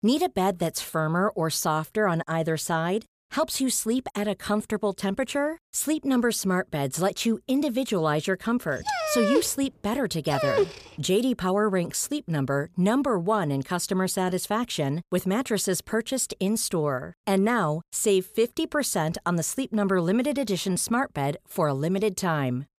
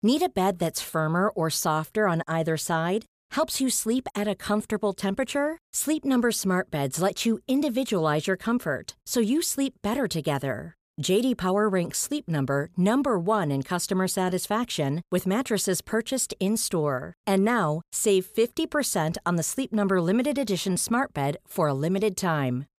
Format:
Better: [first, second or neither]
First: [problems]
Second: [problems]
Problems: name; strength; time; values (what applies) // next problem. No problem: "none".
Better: second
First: dog barking; loud; from 9 to 11 s; peak 1 dB above the speech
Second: none